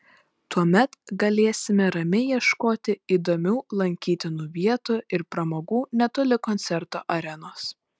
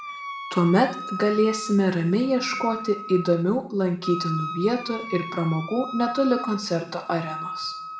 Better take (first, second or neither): first